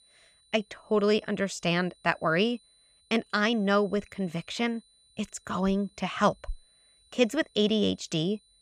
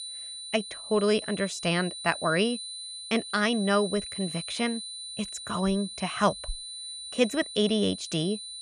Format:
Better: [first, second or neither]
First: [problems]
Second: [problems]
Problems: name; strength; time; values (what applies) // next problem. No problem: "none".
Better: first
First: high-pitched whine; faint; throughout; 4 kHz, 30 dB below the speech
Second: high-pitched whine; loud; throughout; 4 kHz, 9 dB below the speech